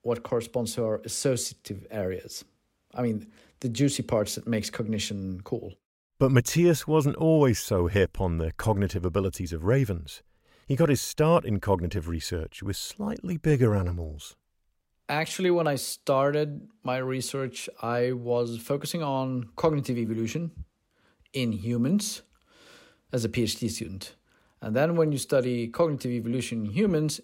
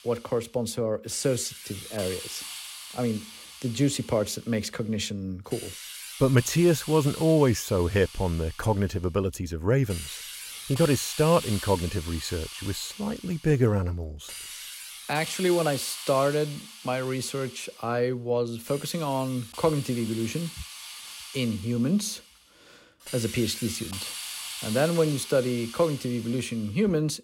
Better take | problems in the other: first | hiss; noticeable; throughout; 10 dB below the speech

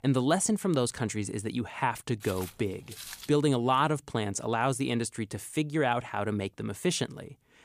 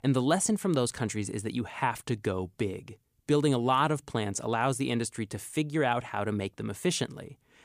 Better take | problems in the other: second | footsteps; faint; from 2 to 3.5 s; peak 10 dB below the speech

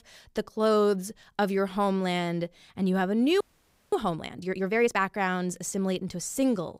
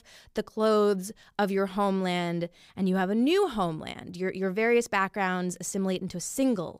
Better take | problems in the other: second | audio freezing; at 3.5 s for 0.5 s

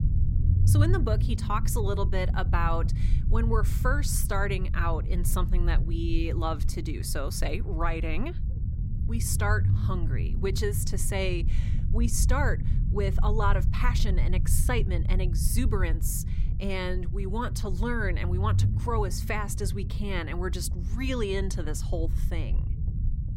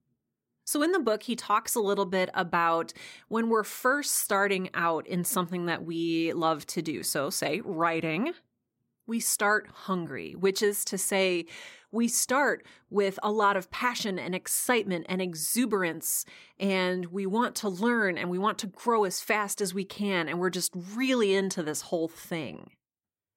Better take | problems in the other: second | low rumble; noticeable; throughout; 10 dB below the speech

